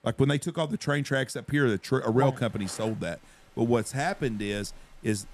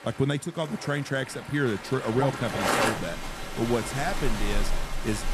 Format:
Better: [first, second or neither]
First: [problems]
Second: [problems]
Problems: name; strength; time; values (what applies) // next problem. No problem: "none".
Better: first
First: rain or running water; faint; throughout; 25 dB below the speech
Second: rain or running water; loud; throughout; 3 dB below the speech